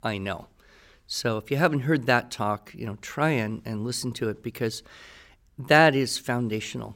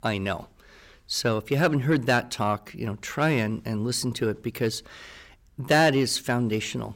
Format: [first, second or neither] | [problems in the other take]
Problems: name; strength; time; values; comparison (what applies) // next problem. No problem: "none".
first | distortion; slight; 10 dB below the speech